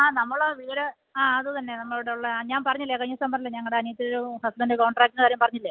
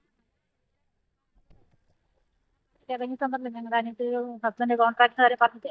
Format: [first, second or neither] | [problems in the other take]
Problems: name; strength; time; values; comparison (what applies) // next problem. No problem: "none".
first | noise reduction (neural mask model DeepFilterNet 3)